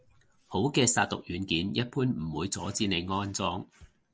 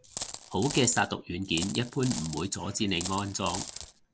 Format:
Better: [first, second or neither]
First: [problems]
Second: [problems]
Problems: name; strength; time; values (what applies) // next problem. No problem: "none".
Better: first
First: none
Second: background sound (Coin (dropping)); 9 dB below the speech